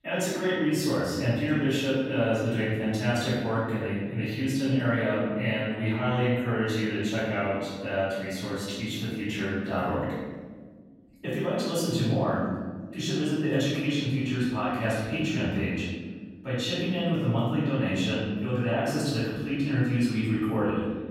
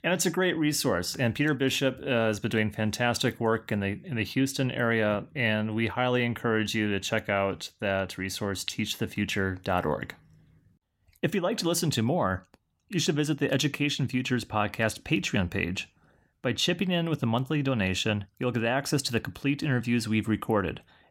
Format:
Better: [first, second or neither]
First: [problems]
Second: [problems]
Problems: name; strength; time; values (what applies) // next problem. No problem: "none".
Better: second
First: room echo; strong; dies away in 1.6 s // off-mic speech; far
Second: none